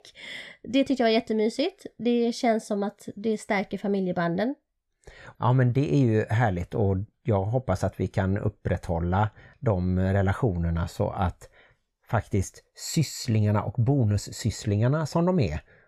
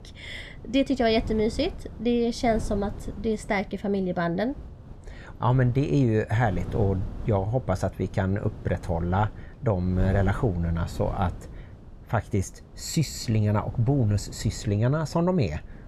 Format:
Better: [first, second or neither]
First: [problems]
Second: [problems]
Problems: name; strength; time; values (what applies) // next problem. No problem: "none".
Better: first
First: none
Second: wind noise on the microphone; occasional gusts; 20 dB below the speech